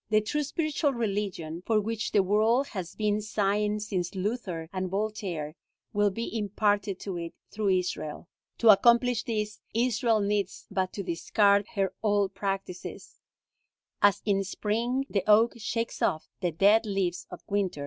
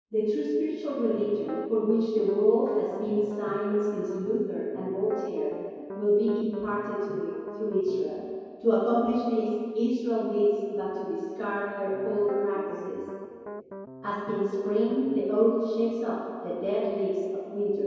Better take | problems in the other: first | background sound (Piano); 14 dB below the speech // room echo; dies away in 2.2 s

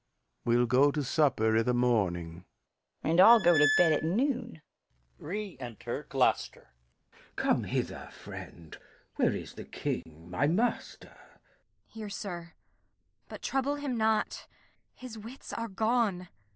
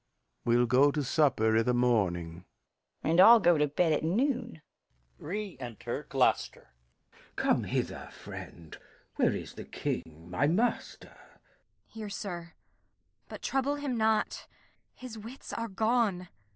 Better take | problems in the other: second | background sound (Squeak); 2 dB below the speech

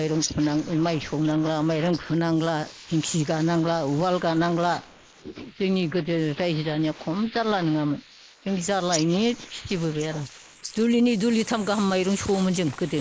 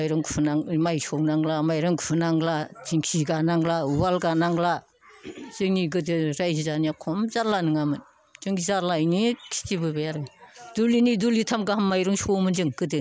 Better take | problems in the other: second | noise reduction (neural mask model Resemble Enhance denoiser)

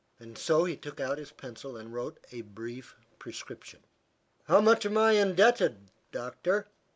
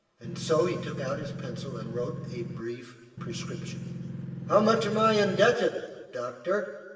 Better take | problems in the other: first | background sound (Engine); 8 dB below the speech // room echo; dies away in 1.4 s

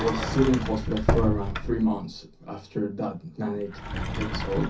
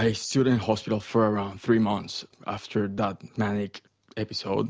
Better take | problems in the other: second | background sound (Sliding door); 2 dB below the speech // room echo; dies away in 0.3 s

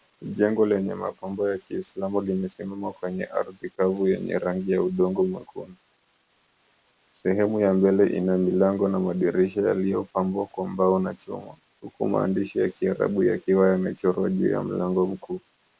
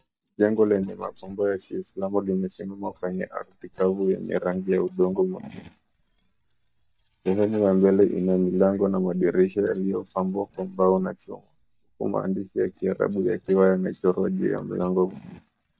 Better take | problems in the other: first | noise reduction (neural mask model DeepFilterNet 3)

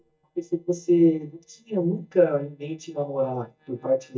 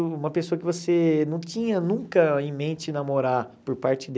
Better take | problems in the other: second | noise reduction (neural mask model DeepFilterNet 3)

